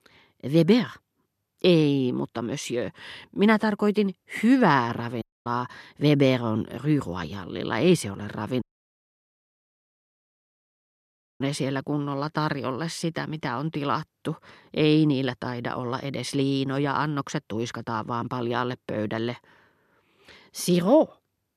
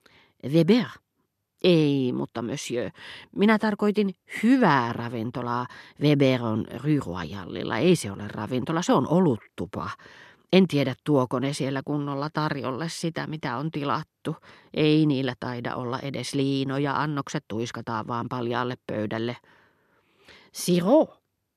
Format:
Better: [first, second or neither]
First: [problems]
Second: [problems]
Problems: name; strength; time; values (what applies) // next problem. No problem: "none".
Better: second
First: audio cutting out; at 5 s and at 8.5 s for 3 s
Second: none